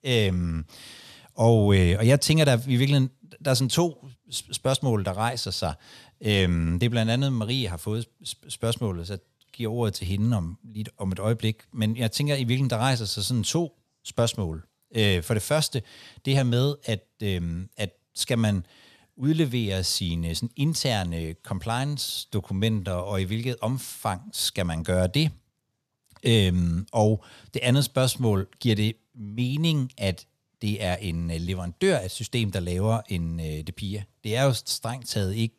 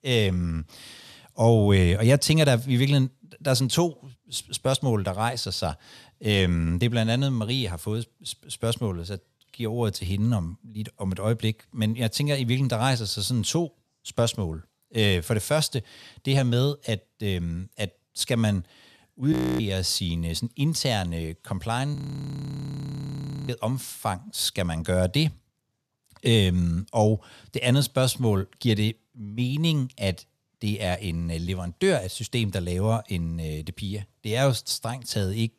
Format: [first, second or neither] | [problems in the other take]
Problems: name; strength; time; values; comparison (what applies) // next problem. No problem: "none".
first | audio freezing; at 19 s and at 22 s for 1.5 s